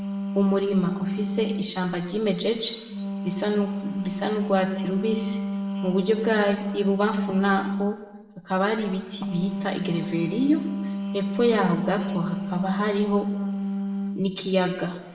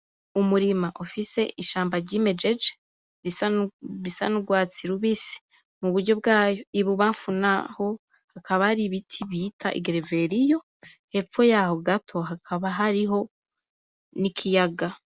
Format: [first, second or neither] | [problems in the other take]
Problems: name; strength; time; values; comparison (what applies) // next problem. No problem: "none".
second | background sound (Wind instrument, woodwind instrument); 4 dB below the speech // room echo; dies away in 1 s